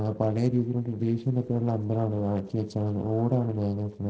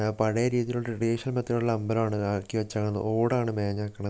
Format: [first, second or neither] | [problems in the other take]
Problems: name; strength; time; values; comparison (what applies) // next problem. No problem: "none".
second | noise reduction (neural separator model SepFormer DNS4)